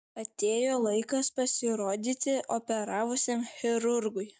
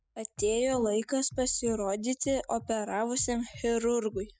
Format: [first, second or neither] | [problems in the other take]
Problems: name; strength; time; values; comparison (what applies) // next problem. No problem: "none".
first | noise reduction (classical method spectral subtraction)